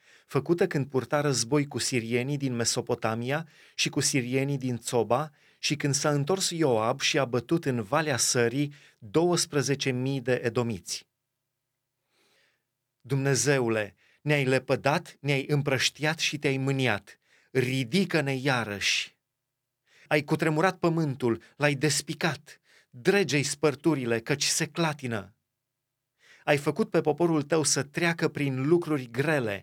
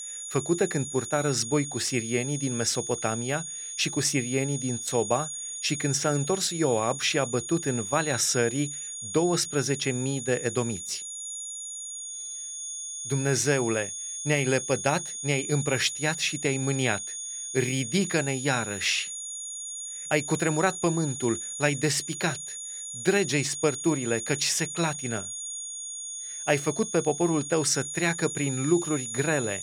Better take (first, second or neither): first